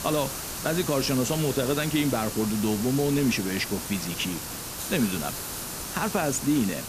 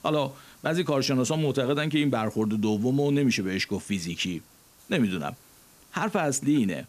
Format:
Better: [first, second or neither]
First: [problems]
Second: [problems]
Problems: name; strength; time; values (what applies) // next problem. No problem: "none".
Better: second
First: hiss; loud; throughout; 6 dB below the speech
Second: hiss; faint; throughout; 25 dB below the speech